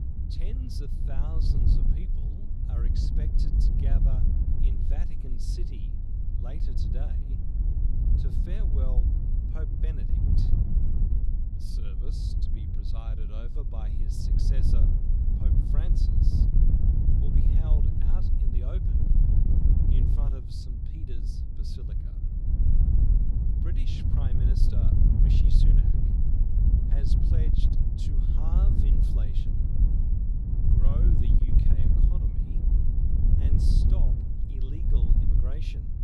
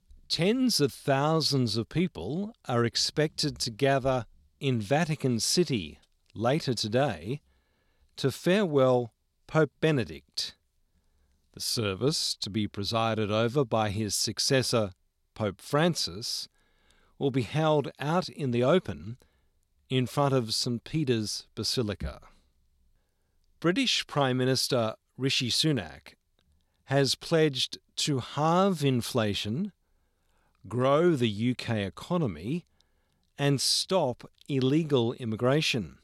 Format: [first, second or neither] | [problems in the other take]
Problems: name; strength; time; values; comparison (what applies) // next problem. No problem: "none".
second | wind noise on the microphone; heavy; 5 dB above the speech